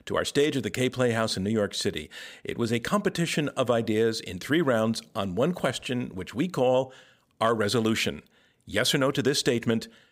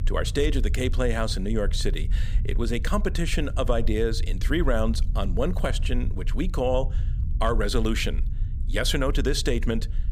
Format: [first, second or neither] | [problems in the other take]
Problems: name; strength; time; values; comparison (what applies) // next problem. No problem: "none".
first | low rumble; noticeable; throughout; 20 dB below the speech